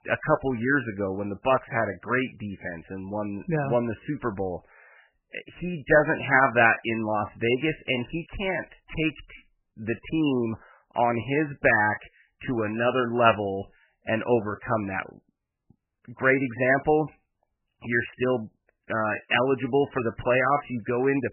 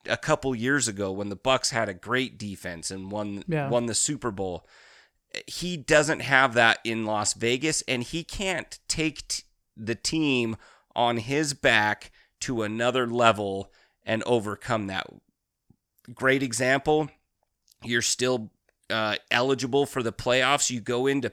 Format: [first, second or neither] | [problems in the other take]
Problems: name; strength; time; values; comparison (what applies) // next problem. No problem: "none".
second | garbled, watery; badly; nothing above 3 kHz